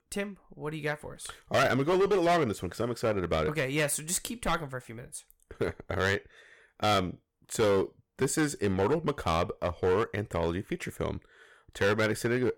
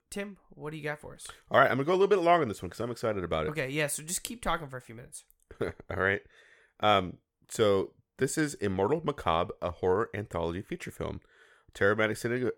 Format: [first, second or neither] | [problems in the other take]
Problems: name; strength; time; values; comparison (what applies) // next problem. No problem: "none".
second | distortion; heavy; 7% of the sound clipped